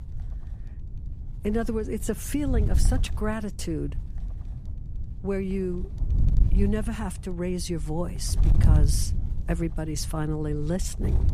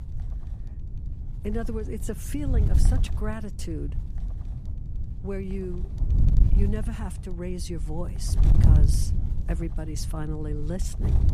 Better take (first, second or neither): first